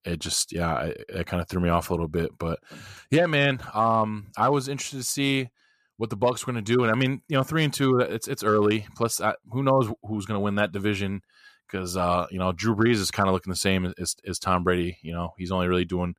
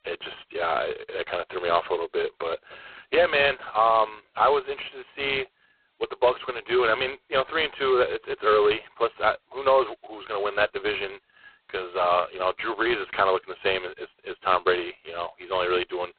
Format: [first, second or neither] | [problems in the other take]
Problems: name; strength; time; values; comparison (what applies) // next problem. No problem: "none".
first | phone-call audio; poor line; nothing above 4 kHz